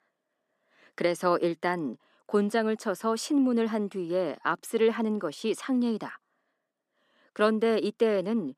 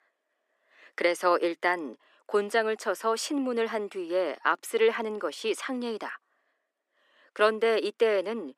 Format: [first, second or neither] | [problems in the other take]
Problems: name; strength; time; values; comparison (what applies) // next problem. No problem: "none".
first | thin; somewhat; fading below 350 Hz